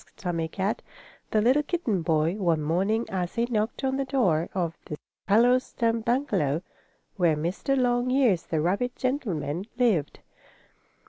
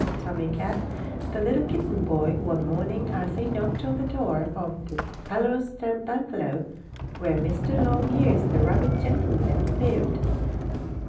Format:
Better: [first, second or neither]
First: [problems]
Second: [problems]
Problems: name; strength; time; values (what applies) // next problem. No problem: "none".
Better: first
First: none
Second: background sound (Sliding door); 1 dB above the speech // room echo; dies away in 0.6 s